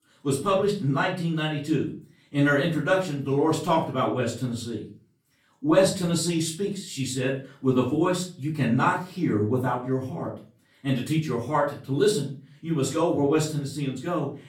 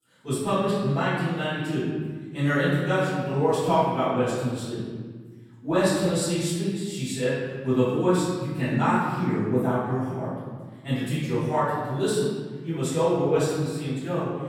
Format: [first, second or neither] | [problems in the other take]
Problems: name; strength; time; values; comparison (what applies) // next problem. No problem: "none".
first | room echo; strong; dies away in 1.6 s; slight in the first // off-mic speech; far; far in the first